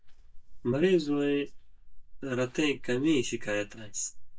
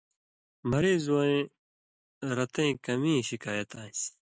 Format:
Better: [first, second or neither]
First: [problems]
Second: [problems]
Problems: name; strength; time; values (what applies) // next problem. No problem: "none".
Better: second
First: noise reduction (neural mask model DeepFilterNet 3)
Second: none